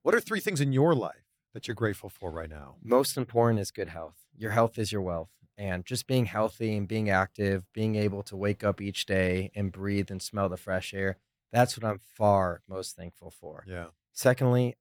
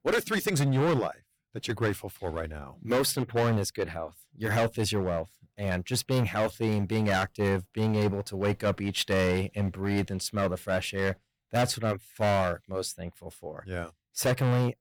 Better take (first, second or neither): first